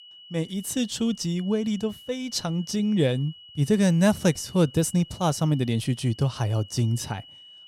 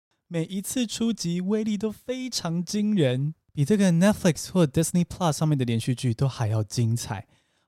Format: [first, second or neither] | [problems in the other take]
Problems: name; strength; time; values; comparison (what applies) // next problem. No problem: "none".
second | high-pitched whine; noticeable; throughout; 3 kHz, 20 dB below the speech